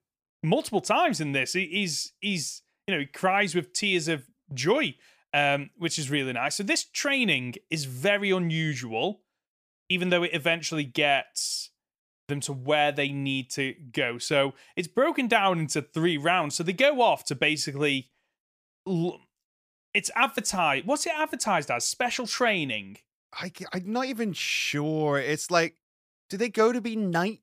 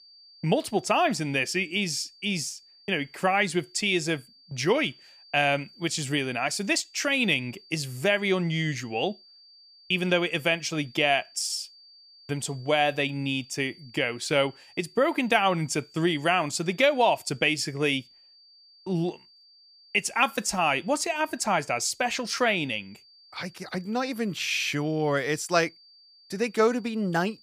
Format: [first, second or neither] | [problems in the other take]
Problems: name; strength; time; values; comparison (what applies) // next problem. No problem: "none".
first | high-pitched whine; faint; throughout; 4.5 kHz, 25 dB below the speech